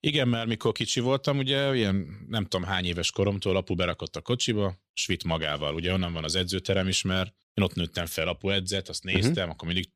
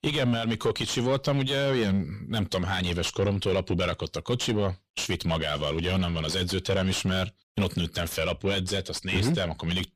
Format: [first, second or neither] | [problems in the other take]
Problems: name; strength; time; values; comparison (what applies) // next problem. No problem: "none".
first | distortion; heavy; 7 dB below the speech